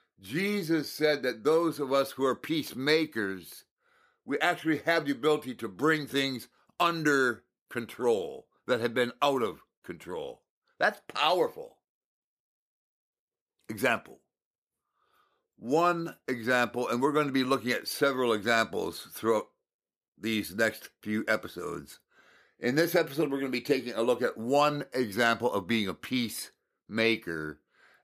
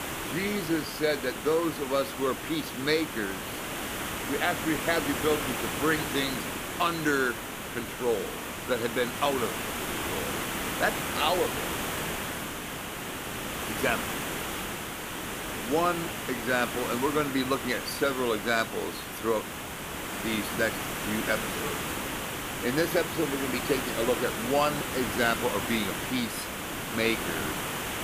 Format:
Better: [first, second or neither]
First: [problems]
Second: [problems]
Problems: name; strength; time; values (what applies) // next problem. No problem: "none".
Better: first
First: none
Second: hiss; loud; throughout; 3 dB below the speech